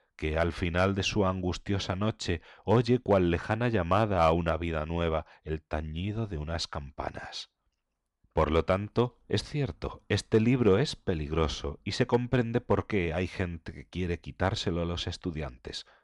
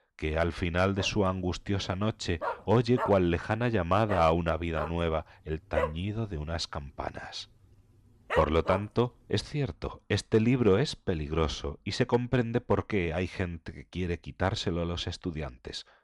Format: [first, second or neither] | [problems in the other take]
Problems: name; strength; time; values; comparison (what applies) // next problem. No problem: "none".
first | dog barking; noticeable; from 1 to 9 s; peak 2 dB below the speech